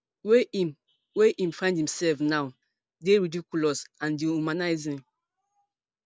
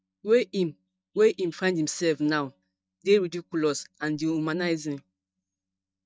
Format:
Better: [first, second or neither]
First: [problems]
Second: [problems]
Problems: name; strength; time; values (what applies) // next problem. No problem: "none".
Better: first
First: none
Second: noise reduction (neural mask model DeepFilterNet 3)